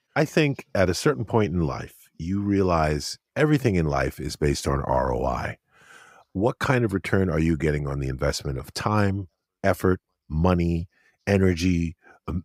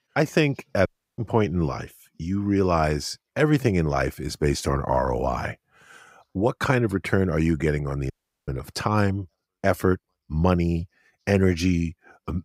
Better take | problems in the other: first | audio cutting out; at 1 s and at 8 s

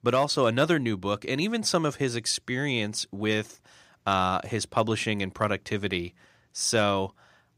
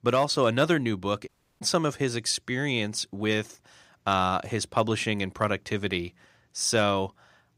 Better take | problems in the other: first | audio cutting out; at 1.5 s

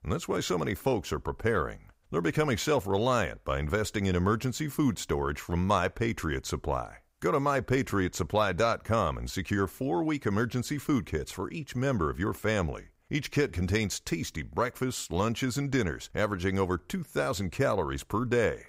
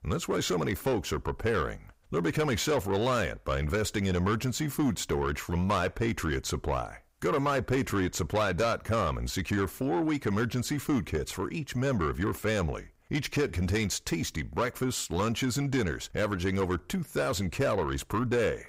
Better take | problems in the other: first | distortion; slight; 10 dB below the speech

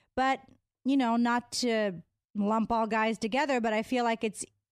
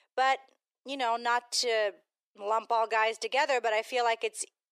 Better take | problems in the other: first | thin; very; fading below 400 Hz

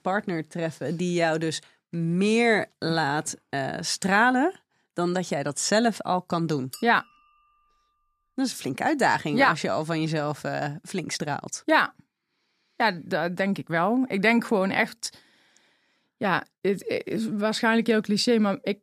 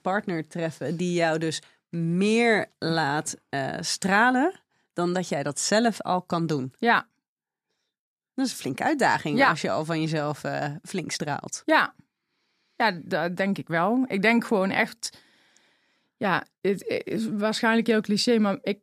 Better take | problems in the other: second | clattering dishes; faint; at 6.5 s; peak 15 dB below the speech

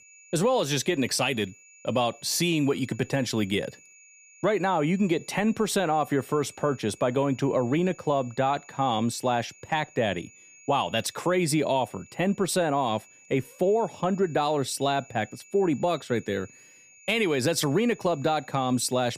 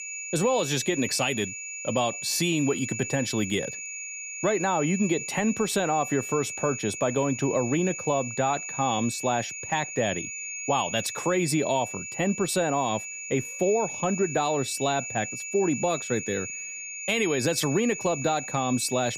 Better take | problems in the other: first | high-pitched whine; loud; throughout; 7 kHz, 6 dB below the speech; faint in the first

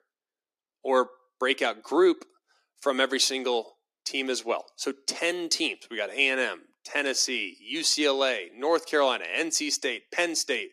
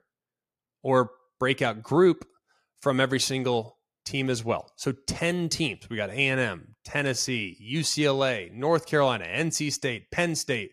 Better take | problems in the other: second | thin; very slightly; fading below 250 Hz

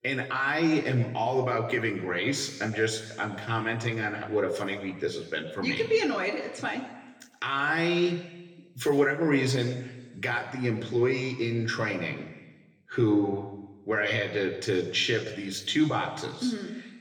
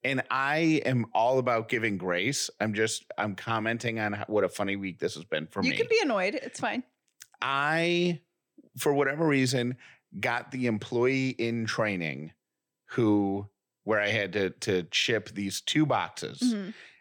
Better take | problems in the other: second | room echo; slight; dies away in 1.1 s // off-mic speech; somewhat distant

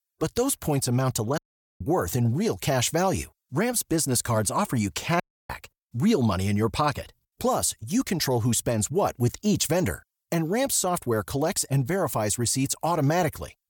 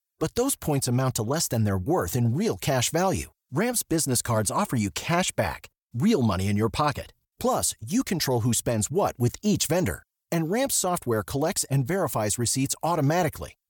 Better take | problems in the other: second | audio cutting out; at 1.5 s and at 5 s

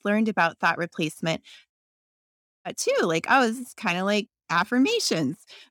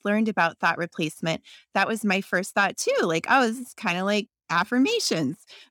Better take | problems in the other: second | audio cutting out; at 1.5 s for 1 s

